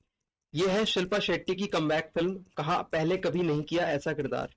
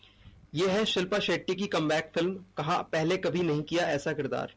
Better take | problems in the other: second | noise reduction (neural mask model RNNoise)

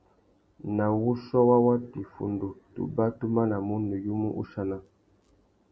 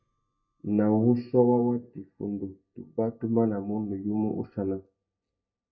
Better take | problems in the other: first | noise reduction (neural mask model DeepFilterNet 3)

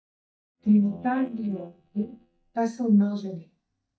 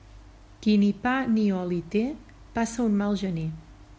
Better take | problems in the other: second | noise reduction (neural mask model DeepFilterNet 3)

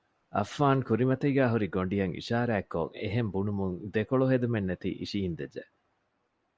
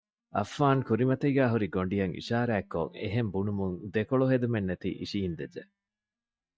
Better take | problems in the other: first | noise reduction (neural mask model DeepFilterNet 3)

